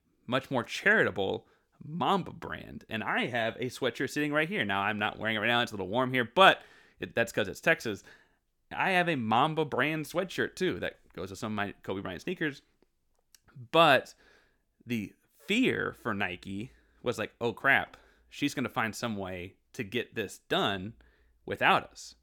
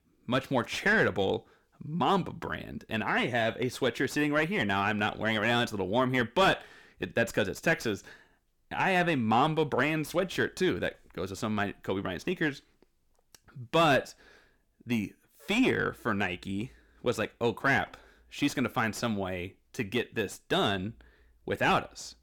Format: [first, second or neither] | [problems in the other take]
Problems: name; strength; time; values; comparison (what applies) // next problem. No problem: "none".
first | distortion; heavy; 7 dB below the speech